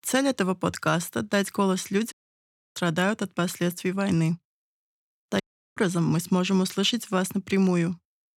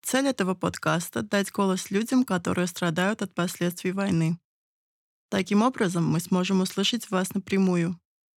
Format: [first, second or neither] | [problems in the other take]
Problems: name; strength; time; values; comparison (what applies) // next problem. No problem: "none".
second | audio cutting out; at 2 s for 0.5 s and at 5.5 s